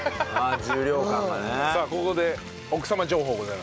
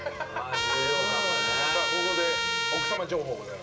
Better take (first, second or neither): first